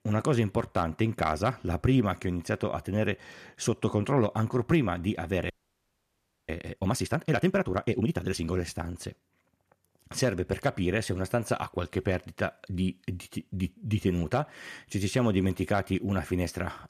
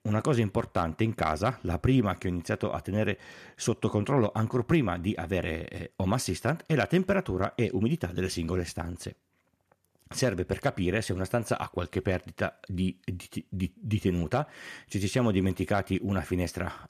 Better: second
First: audio freezing; at 5.5 s for 1 s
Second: none

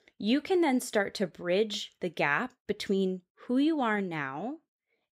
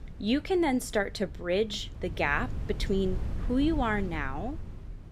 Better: first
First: none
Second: wind noise on the microphone; occasional gusts; 20 dB below the speech

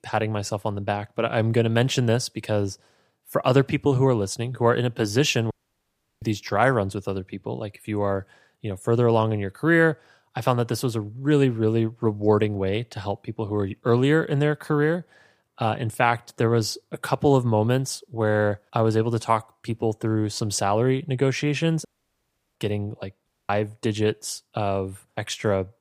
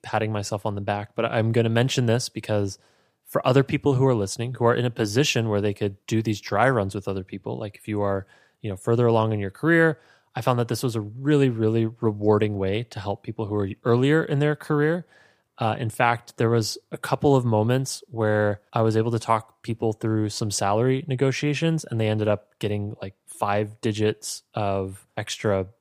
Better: second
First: audio cutting out; at 5.5 s for 0.5 s, at 22 s for 0.5 s and at 23 s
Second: none

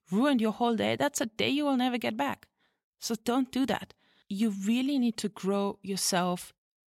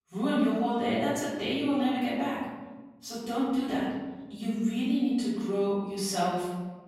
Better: first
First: none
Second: room echo; noticeable; dies away in 1.3 s // off-mic speech; far

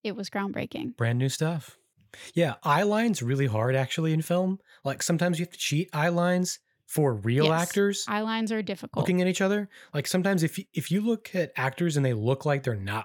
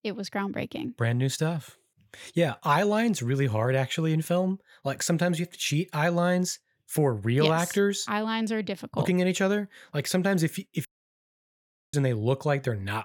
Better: first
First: none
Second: audio cutting out; at 11 s for 1 s

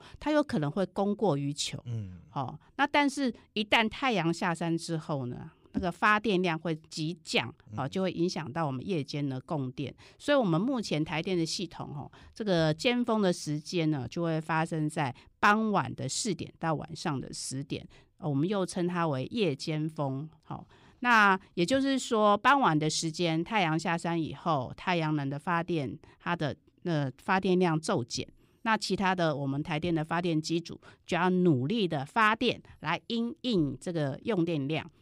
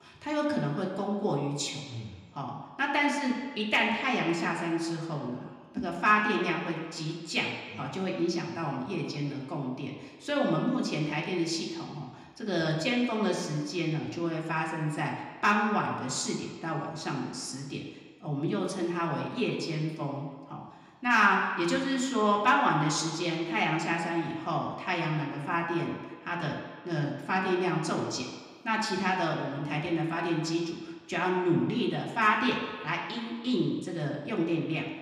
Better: first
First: none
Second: room echo; noticeable; dies away in 1.4 s // off-mic speech; somewhat distant

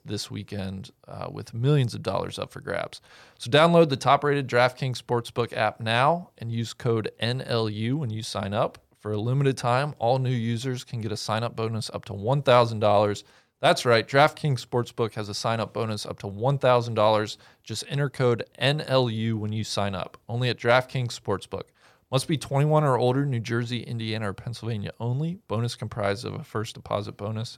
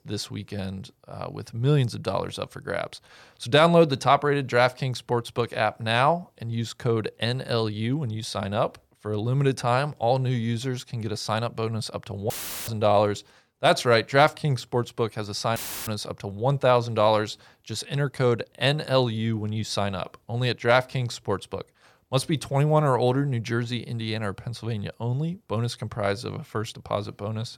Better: first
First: none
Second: audio cutting out; filled with static; at 12 s and at 16 s

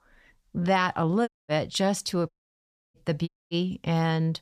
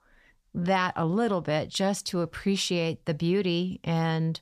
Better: second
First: audio cutting out; at 1.5 s, at 2.5 s for 0.5 s and at 3.5 s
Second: none

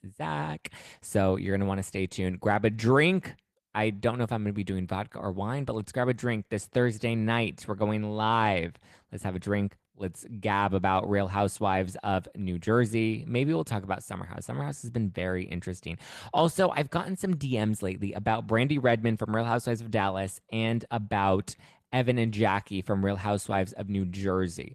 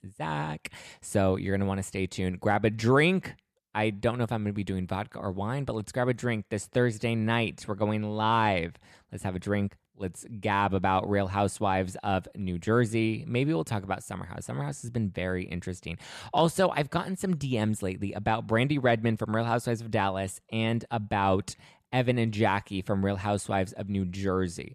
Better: second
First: garbled, watery; slightly; nothing above 14 kHz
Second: none

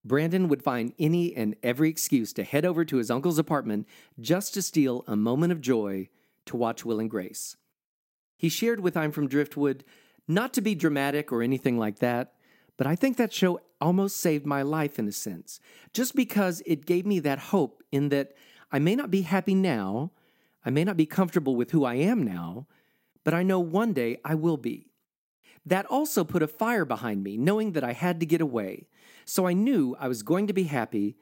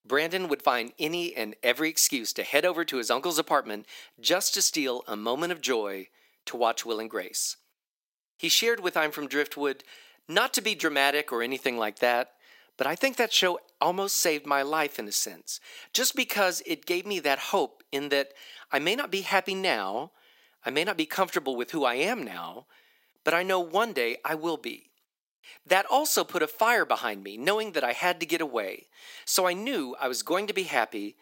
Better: first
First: none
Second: thin; very; fading below 600 Hz

